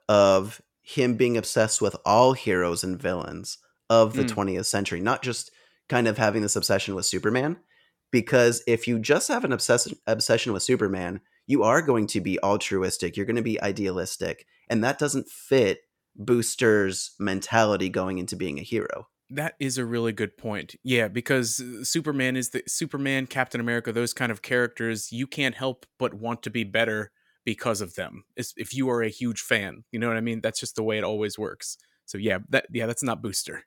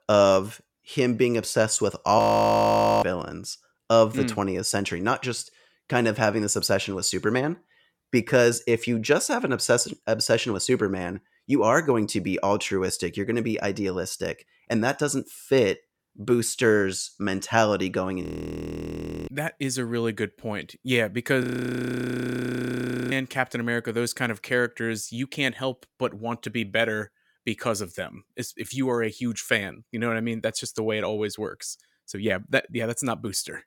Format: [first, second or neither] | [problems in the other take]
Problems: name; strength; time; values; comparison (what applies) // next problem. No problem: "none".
first | audio freezing; at 2 s for 1 s, at 18 s for 1 s and at 21 s for 1.5 s